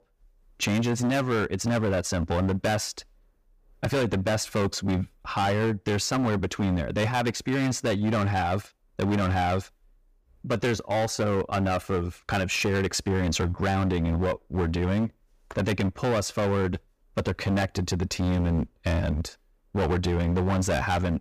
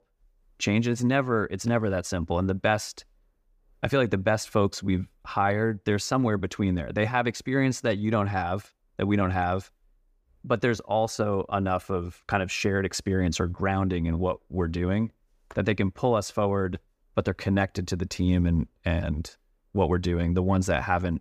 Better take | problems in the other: second | distortion; heavy; 20% of the sound clipped

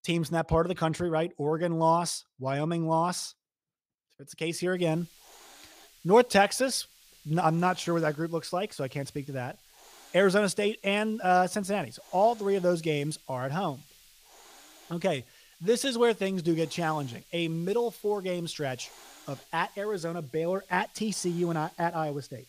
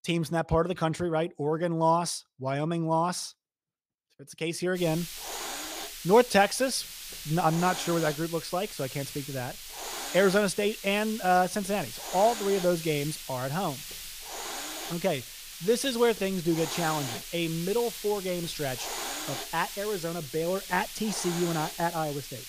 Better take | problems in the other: first | hiss; loud; from 5 s on; 9 dB below the speech; faint in the first

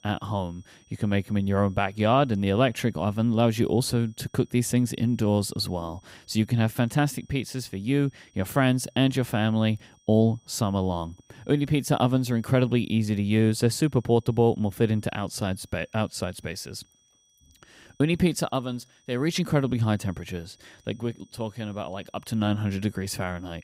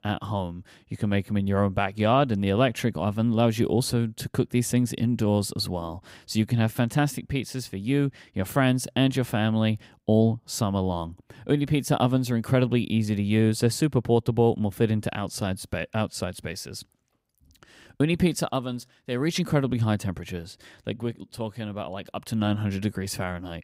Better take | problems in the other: second | high-pitched whine; faint; throughout; 6 kHz, 35 dB below the speech

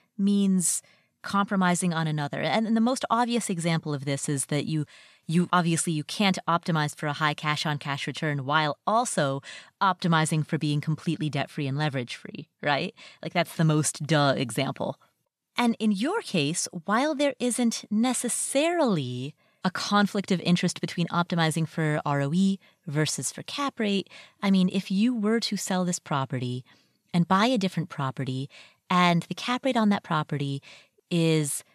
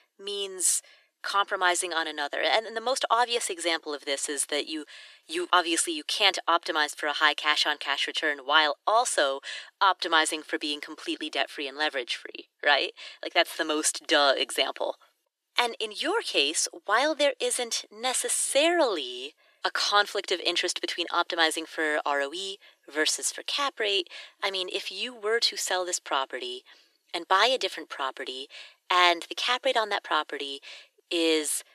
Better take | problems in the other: first | thin; very; fading below 350 Hz

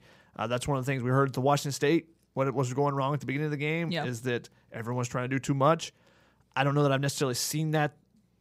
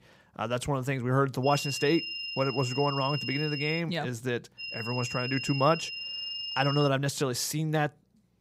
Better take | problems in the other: first | high-pitched whine; loud; from 1.5 to 4 s and from 4.5 to 7 s; 3 kHz, 5 dB below the speech

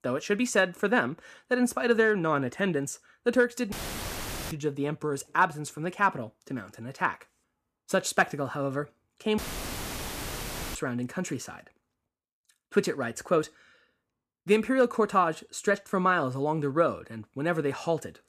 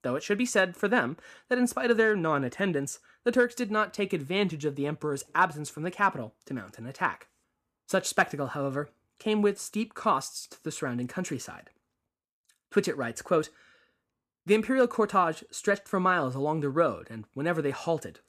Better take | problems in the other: second | audio cutting out; filled with static; at 3.5 s for 1 s and at 9.5 s for 1.5 s

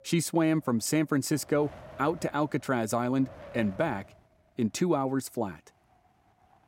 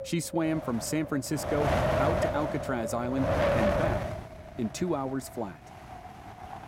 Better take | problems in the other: first | wind noise on the microphone; heavy; 4 dB above the speech; occasional gusts in the first

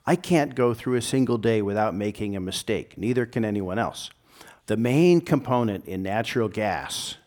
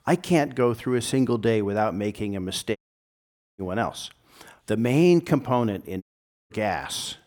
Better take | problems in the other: first | audio cutting out; at 3 s for 1 s and at 6 s

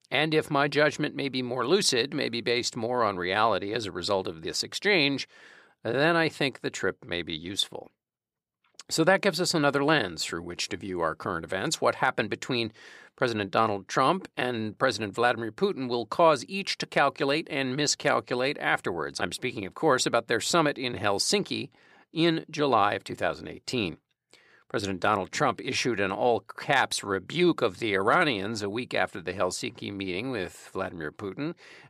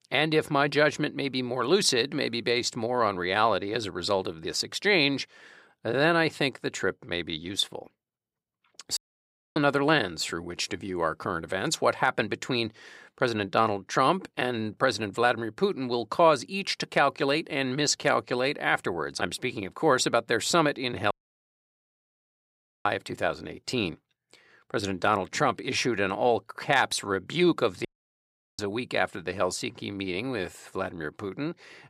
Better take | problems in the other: first | audio cutting out; at 9 s for 0.5 s, at 21 s for 1.5 s and at 28 s for 0.5 s

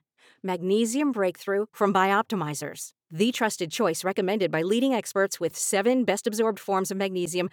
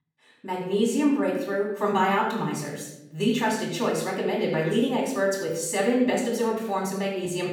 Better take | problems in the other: first | off-mic speech; far // room echo; noticeable; dies away in 0.7 s

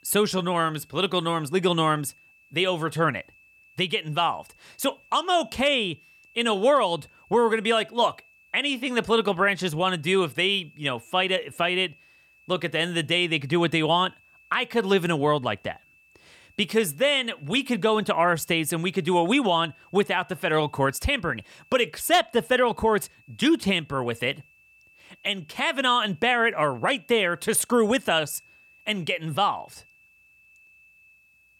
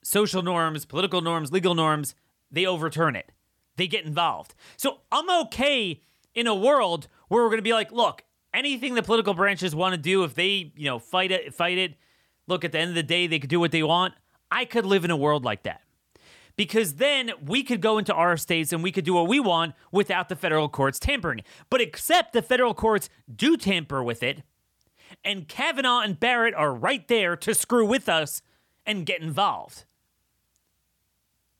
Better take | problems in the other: second | high-pitched whine; faint; throughout; 2.5 kHz, 30 dB below the speech

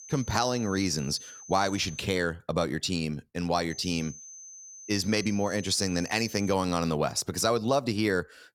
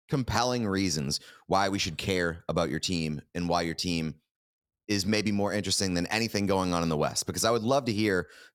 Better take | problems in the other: second | high-pitched whine; noticeable; until 2 s and from 3.5 to 6.5 s; 6 kHz, 15 dB below the speech

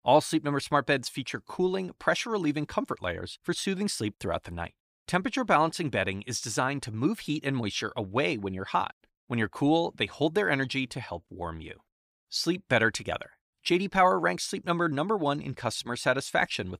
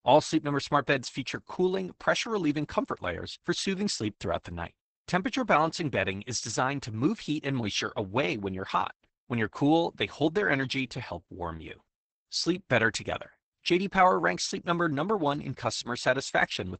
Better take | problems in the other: first | garbled, watery; badly; nothing above 8 kHz

